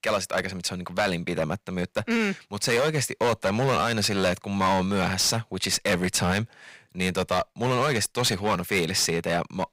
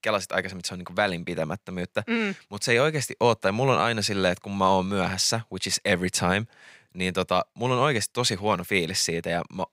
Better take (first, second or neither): second